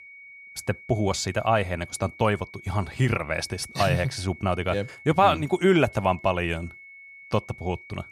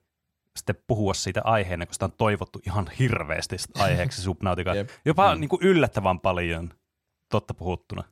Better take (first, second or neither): second